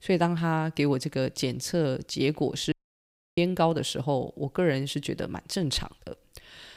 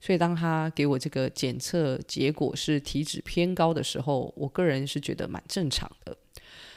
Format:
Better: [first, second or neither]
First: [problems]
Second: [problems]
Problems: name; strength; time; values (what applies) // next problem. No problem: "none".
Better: second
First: audio cutting out; at 2.5 s for 0.5 s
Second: none